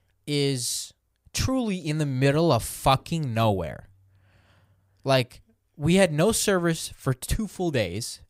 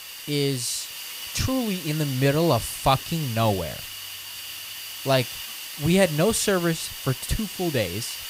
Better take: first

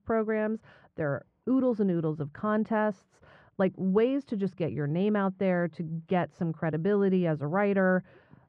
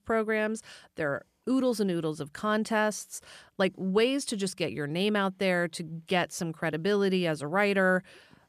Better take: second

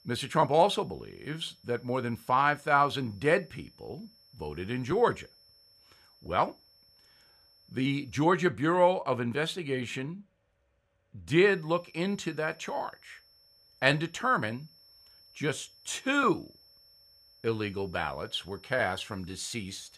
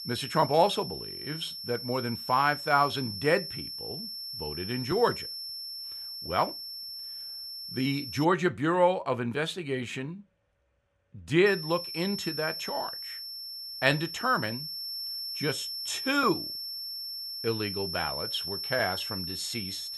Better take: first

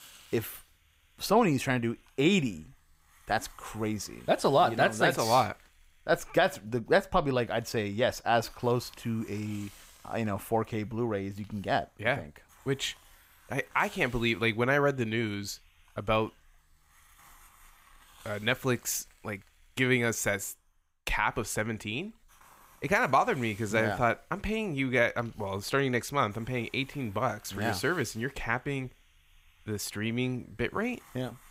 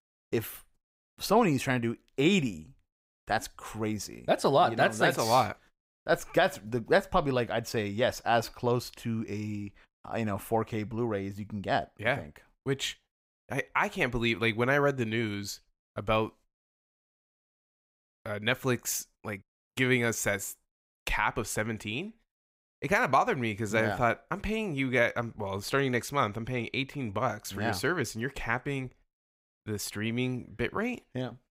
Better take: second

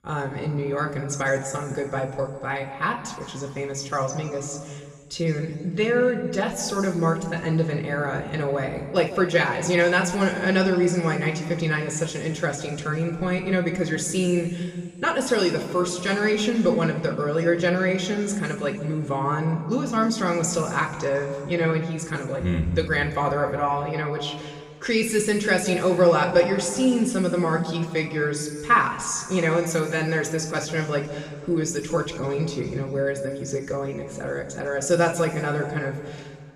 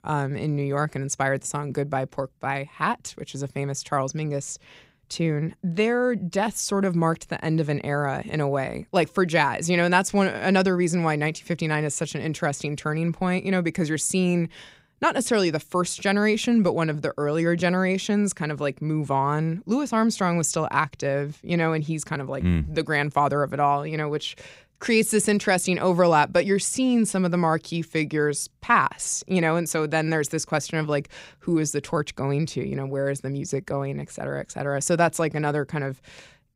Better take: second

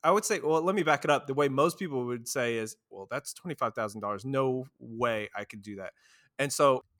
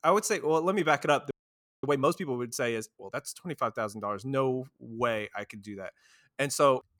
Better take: first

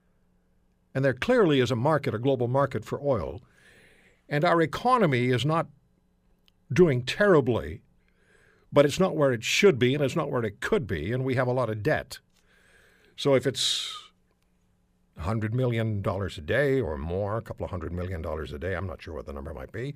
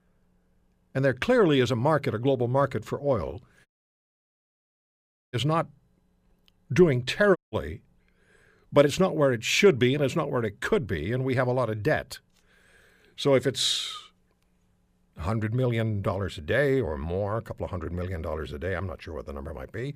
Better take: first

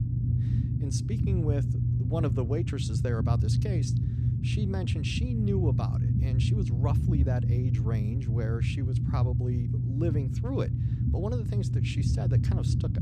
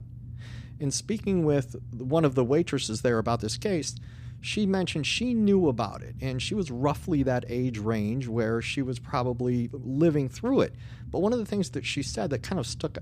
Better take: second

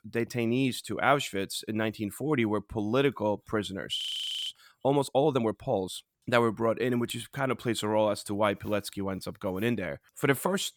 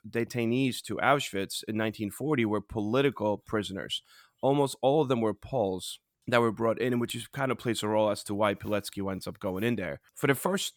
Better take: second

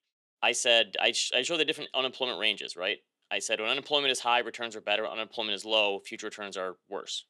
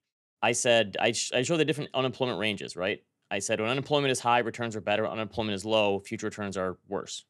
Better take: second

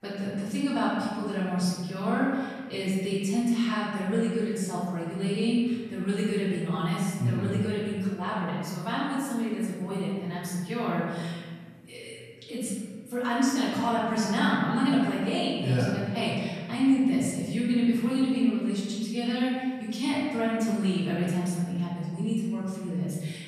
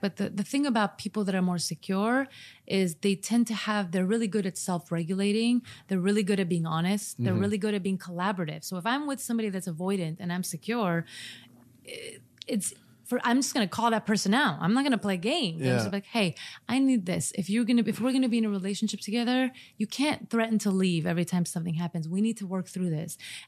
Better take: second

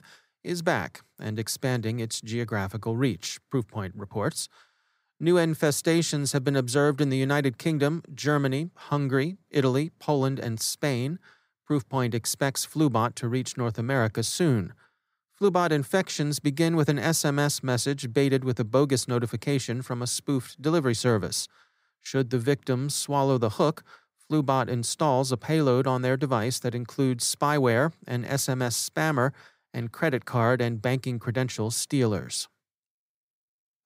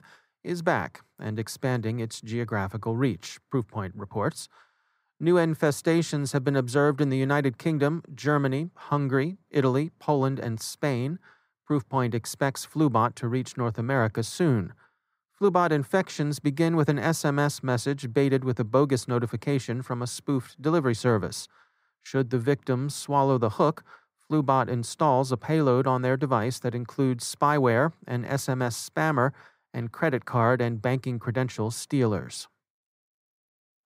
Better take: first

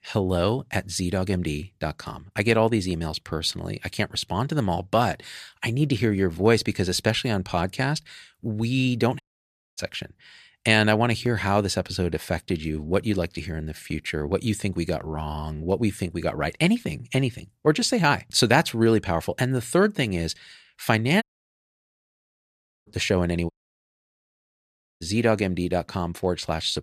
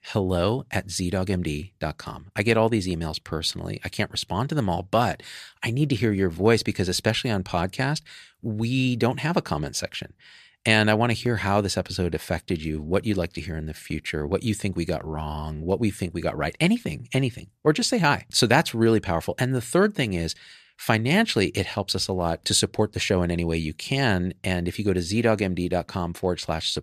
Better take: second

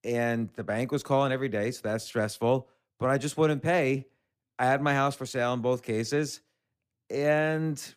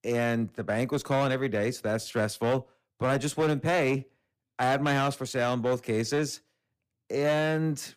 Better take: first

